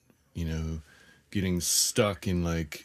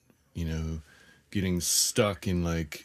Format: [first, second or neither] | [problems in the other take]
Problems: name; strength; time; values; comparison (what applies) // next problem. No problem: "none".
neither | none